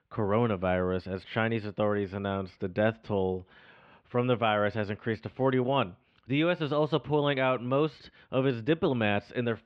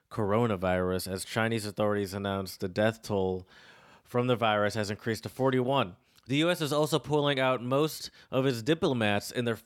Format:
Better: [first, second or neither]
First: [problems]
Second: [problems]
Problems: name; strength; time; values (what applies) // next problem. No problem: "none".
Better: second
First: muffled; very; fading above 3 kHz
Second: none